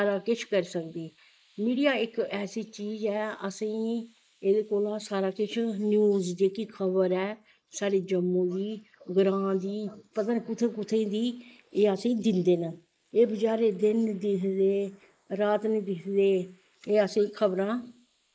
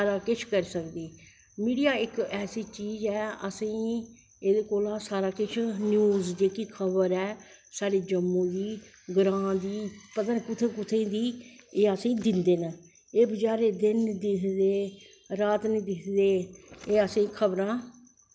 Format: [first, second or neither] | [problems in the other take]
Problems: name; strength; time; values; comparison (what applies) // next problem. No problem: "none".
second | noise reduction (neural mask model Resemble Enhance denoiser)